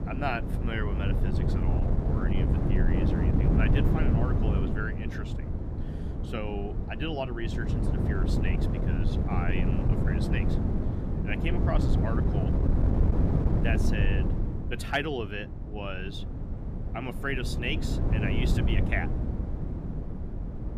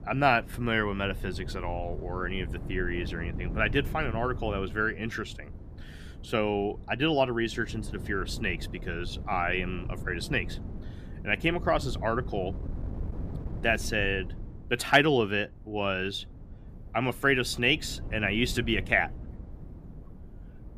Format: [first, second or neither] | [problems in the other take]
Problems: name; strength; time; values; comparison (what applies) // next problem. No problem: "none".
second | wind noise on the microphone; heavy; 2 dB below the speech; occasional gusts in the second